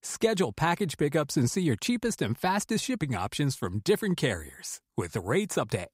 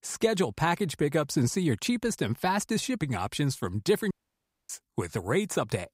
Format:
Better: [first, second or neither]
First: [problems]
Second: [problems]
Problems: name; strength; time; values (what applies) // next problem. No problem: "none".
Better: first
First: none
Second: audio cutting out; at 4 s for 0.5 s